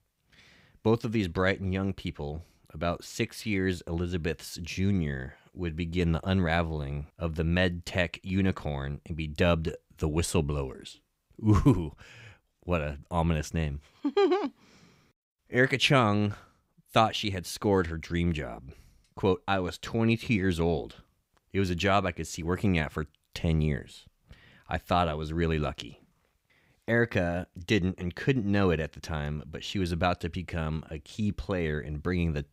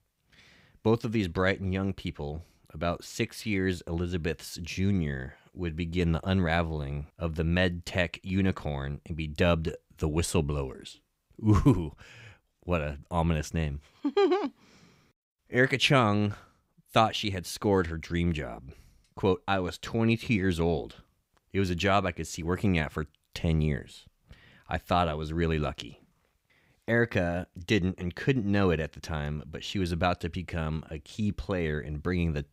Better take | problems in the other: neither | none

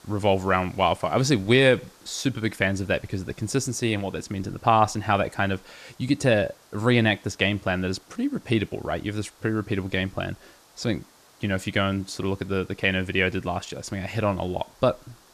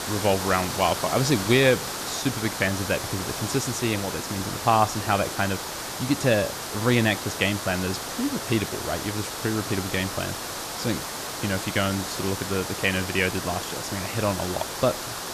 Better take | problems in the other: first | hiss; loud; throughout; 5 dB below the speech; faint in the first

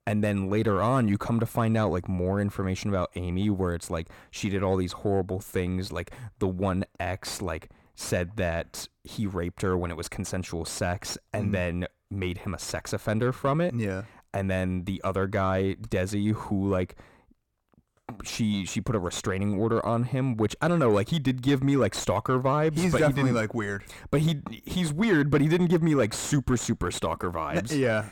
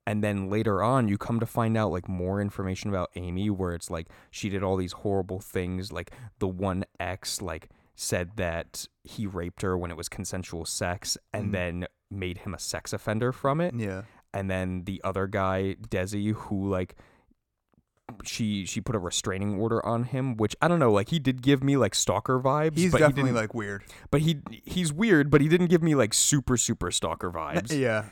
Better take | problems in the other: second | distortion; slight; 10 dB below the speech

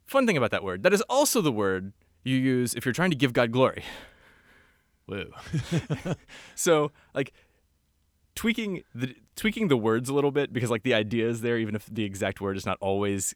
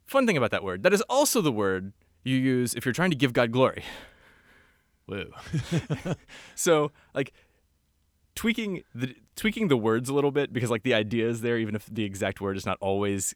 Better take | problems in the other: neither | none

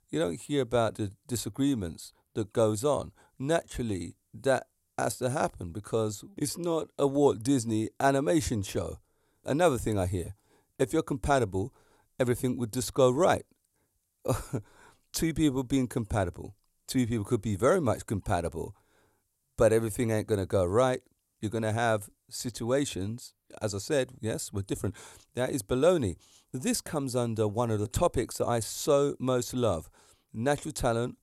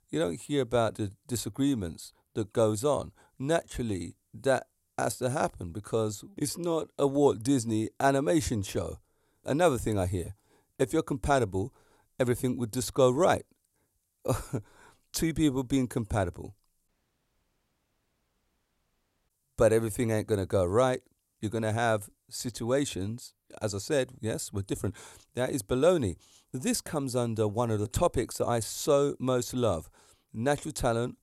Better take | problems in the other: first | audio cutting out; at 17 s for 2.5 s

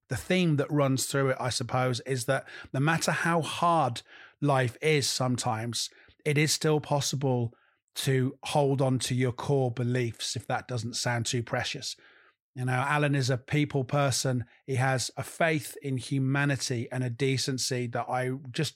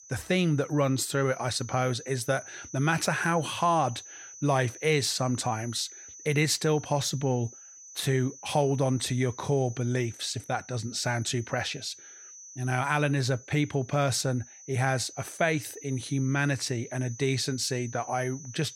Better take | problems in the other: first | high-pitched whine; noticeable; throughout; 6 kHz, 15 dB below the speech

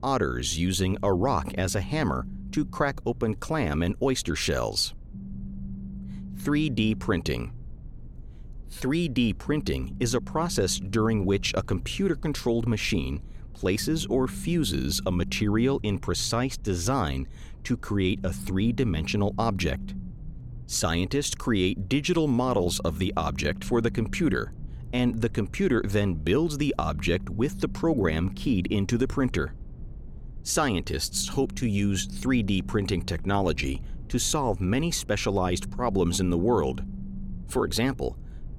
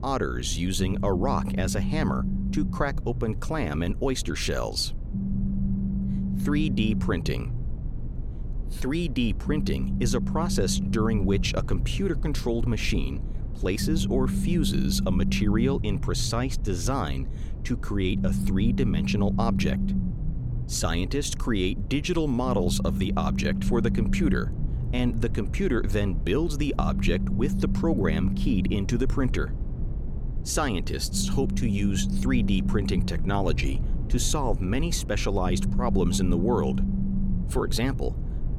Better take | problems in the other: first | low rumble; loud; throughout; 9 dB below the speech; faint in the first

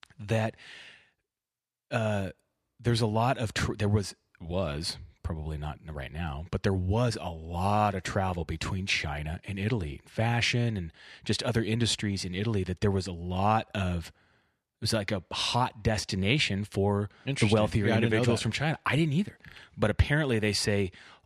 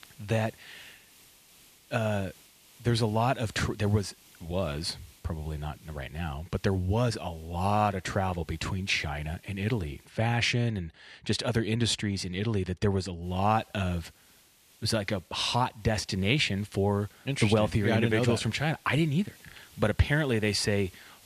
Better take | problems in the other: first | hiss; faint; until 10 s and from 13 s on; 25 dB below the speech

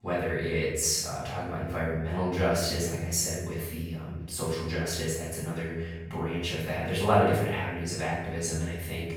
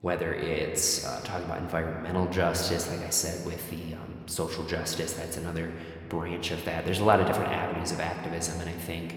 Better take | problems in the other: second | room echo; strong; dies away in 1.1 s; slight in the second // off-mic speech; far

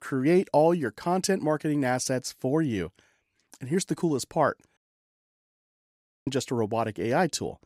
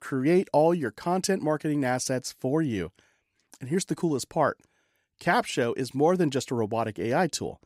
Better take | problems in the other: second | audio cutting out; at 5 s for 1.5 s

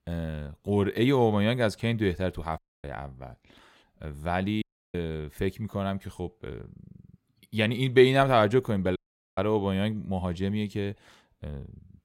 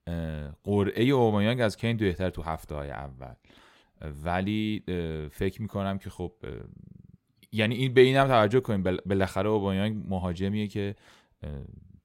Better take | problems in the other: second | audio cutting out; at 2.5 s, at 4.5 s and at 9 s

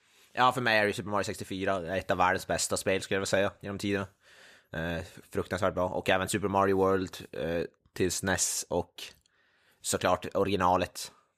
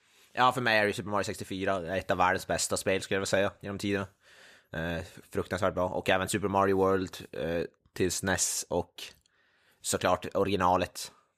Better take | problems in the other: neither | none

